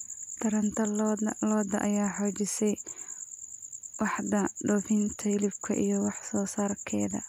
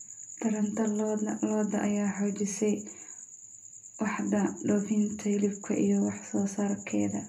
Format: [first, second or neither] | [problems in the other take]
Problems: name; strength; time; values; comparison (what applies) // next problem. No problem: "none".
first | room echo; dies away in 0.3 s